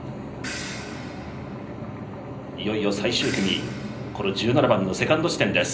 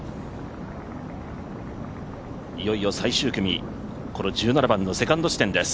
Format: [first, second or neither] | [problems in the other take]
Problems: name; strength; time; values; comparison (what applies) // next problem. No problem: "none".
second | background sound (Crash cymbal); 15 dB below the speech // room echo; dies away in 0.5 s